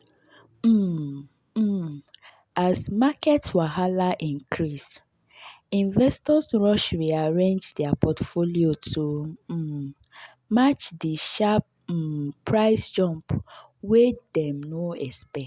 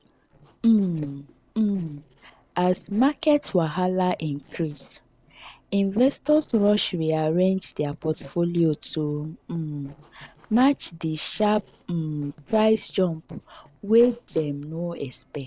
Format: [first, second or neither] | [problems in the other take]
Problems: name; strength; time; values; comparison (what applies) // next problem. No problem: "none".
first | noise reduction (neural separator model SepFormer DNS4)